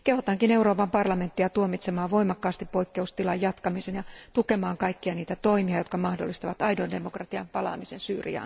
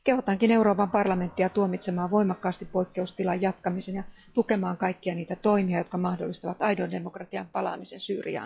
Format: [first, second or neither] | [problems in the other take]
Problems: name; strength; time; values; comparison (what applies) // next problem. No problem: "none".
first | noise reduction (classical method log-MMSE)